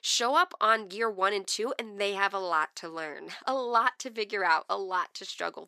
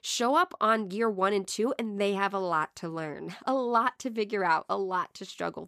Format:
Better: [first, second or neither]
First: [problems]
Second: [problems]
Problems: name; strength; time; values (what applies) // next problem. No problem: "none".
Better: second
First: thin; somewhat; fading below 400 Hz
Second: none